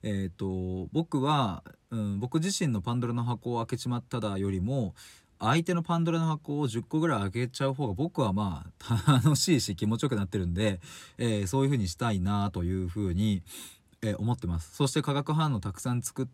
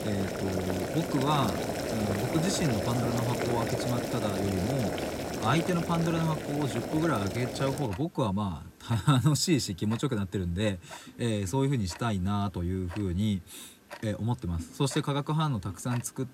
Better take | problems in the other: first | household noises; loud; throughout; 3 dB below the speech

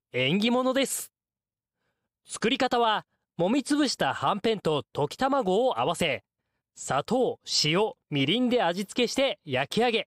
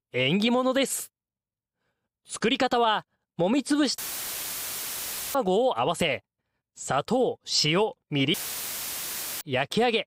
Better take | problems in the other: first | audio cutting out; filled with static; at 4 s for 1.5 s and at 8.5 s for 1 s

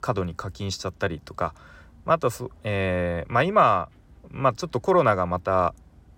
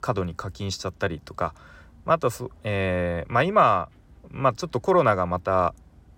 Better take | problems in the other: neither | none

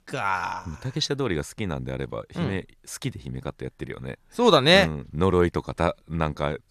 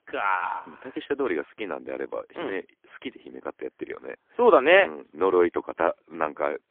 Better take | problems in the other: first | phone-call audio; poor line

